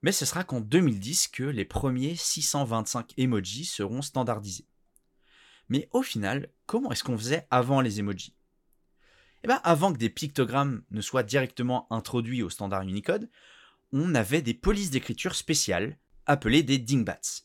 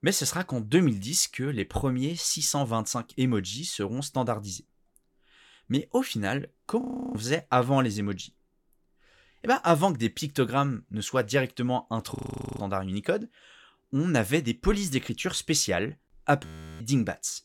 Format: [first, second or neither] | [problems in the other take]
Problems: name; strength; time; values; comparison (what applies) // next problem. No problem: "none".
first | audio freezing; at 7 s, at 12 s and at 16 s